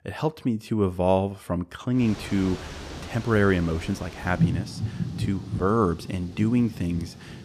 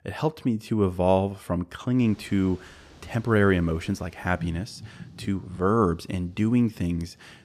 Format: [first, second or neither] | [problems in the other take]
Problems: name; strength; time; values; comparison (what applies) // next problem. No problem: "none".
second | rain or running water; loud; from 2 s on; 8 dB below the speech; faint in the second